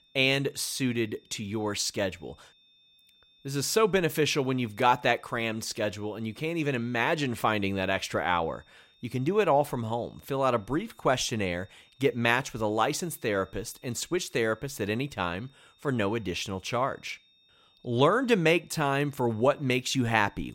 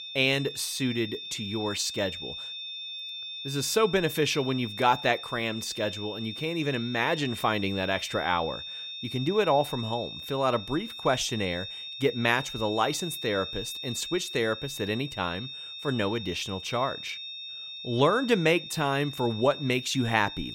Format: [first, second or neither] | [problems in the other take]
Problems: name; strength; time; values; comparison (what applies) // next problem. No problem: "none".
first | high-pitched whine; loud; throughout; 3.5 kHz, 8 dB below the speech; faint in the first